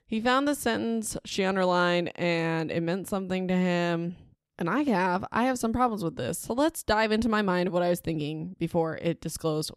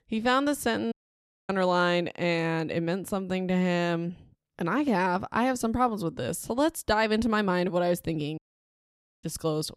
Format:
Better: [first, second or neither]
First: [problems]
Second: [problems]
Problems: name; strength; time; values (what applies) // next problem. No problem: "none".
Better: first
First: none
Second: audio cutting out; at 1 s for 0.5 s and at 8.5 s for 1 s